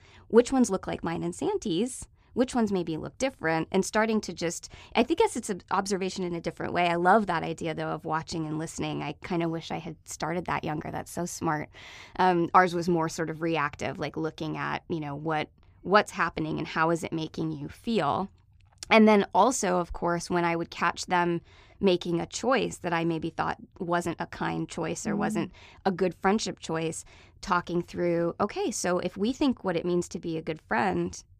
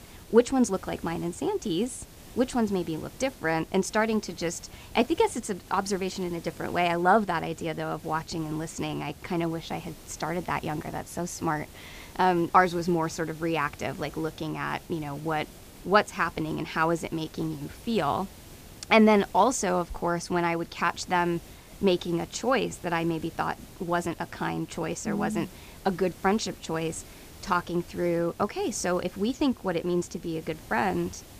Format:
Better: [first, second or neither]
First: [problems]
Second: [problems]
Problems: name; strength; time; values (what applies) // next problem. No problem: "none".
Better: first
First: none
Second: hiss; faint; throughout; 20 dB below the speech